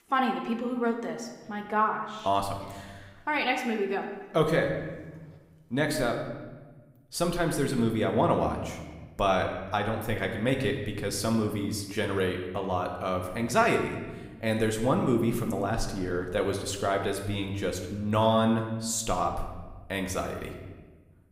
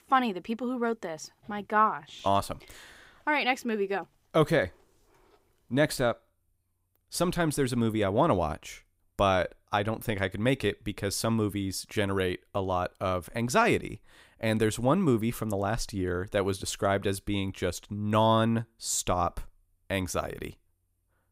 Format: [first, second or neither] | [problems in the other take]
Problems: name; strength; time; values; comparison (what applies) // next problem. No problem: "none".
second | room echo; slight; dies away in 1.1 s